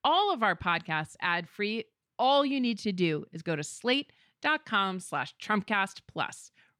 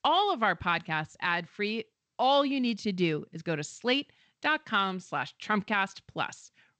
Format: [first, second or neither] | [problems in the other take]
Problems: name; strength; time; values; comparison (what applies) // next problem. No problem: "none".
first | garbled, watery; slightly; nothing above 7.5 kHz